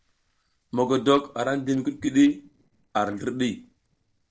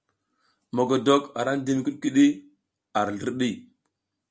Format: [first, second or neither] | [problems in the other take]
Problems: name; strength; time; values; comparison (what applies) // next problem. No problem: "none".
second | noise reduction (neural separator model SepFormer DNS4)